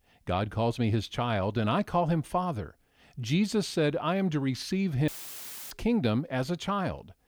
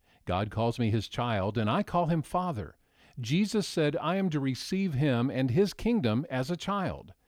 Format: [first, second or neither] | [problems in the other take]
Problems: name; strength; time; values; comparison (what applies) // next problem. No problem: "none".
second | audio cutting out; filled with static; at 5 s for 0.5 s